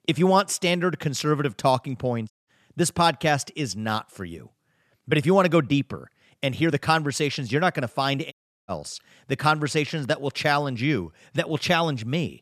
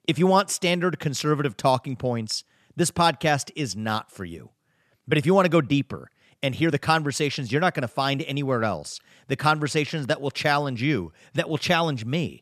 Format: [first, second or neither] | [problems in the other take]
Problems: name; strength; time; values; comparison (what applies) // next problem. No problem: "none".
second | audio cutting out; at 2.5 s and at 8.5 s